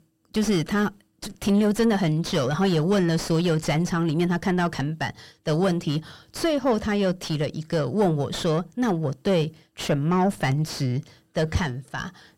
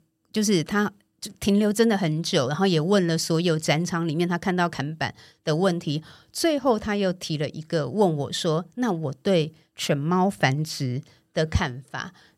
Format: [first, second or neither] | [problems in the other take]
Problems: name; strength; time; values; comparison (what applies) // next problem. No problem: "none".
second | distortion; slight; 8 dB below the speech